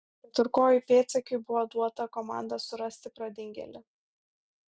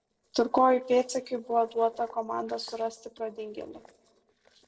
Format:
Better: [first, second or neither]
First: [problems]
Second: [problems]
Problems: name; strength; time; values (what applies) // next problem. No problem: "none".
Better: first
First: none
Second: noise reduction (neural separator model SepFormer DNS4)